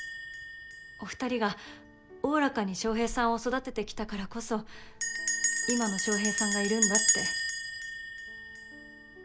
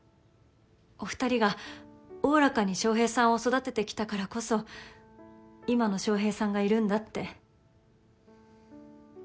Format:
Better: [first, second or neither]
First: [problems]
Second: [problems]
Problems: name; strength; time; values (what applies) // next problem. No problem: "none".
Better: second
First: background sound (Bell); 1 dB below the speech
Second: none